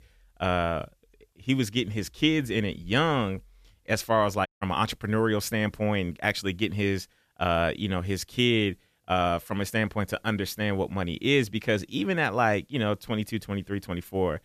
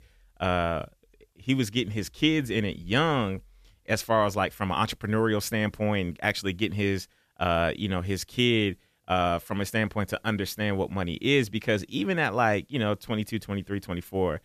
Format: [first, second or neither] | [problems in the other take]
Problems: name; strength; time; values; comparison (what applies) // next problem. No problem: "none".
second | audio cutting out; at 4.5 s